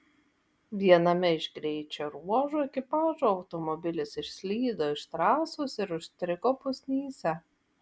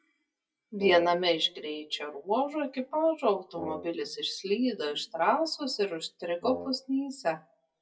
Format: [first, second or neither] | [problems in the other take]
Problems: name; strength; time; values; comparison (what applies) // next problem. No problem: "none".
first | noise reduction (classical method WPE with log-MMSE)